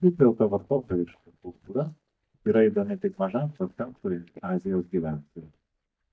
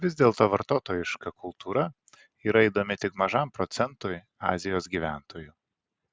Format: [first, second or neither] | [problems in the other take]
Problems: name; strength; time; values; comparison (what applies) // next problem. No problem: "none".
second | noise reduction (neural mask model DeepFilterNet 3)